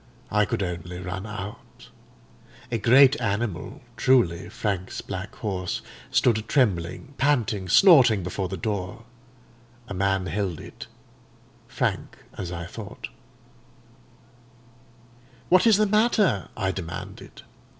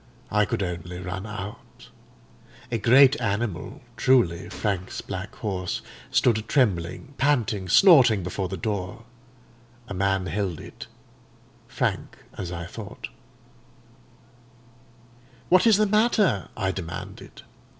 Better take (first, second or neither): first